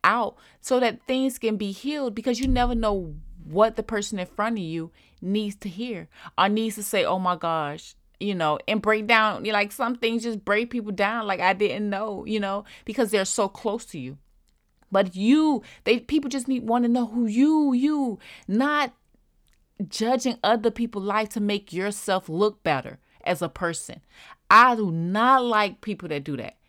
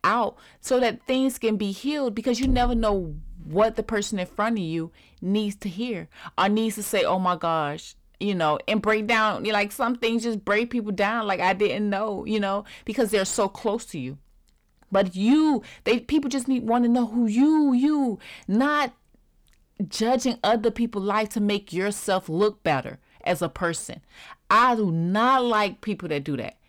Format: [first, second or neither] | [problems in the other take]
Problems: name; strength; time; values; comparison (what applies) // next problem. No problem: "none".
first | distortion; slight; 10 dB below the speech